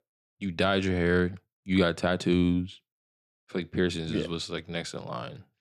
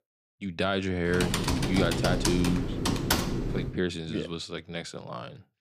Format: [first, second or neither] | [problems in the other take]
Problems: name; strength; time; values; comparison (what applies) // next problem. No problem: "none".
first | keyboard typing; loud; from 1 to 3.5 s; peak 4 dB above the speech